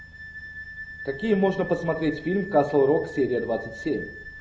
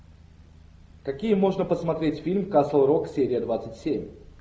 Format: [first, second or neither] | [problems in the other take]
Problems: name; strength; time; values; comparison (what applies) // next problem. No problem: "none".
second | background sound (Wind instrument, woodwind instrument); 14 dB below the speech